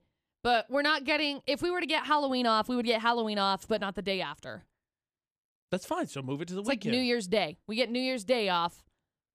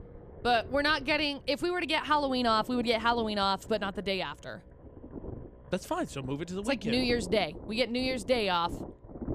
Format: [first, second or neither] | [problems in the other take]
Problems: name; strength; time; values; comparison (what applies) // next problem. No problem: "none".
first | low rumble; faint; throughout; 20 dB below the speech